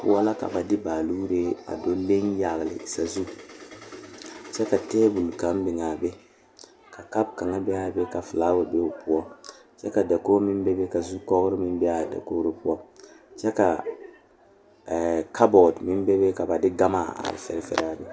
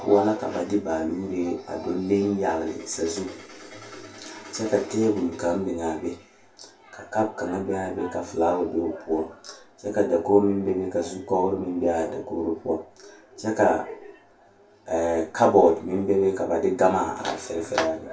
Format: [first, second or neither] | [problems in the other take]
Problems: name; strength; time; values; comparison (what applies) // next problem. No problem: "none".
first | room echo; dies away in 0.2 s